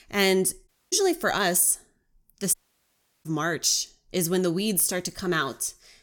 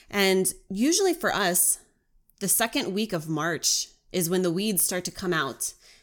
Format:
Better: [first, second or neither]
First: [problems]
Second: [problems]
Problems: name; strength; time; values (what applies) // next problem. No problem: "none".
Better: second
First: audio cutting out; at 0.5 s and at 2.5 s for 0.5 s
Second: none